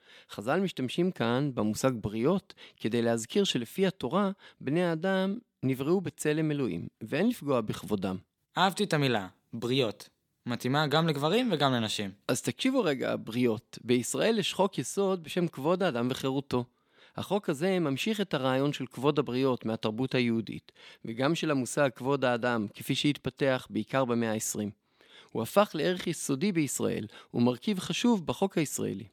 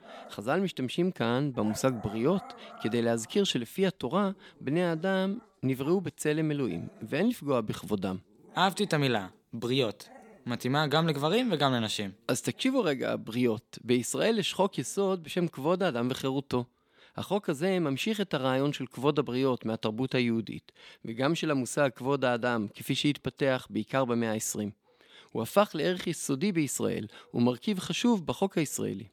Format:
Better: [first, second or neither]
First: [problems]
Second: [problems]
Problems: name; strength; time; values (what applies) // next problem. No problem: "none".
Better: first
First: none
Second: animal sounds; faint; throughout; 25 dB below the speech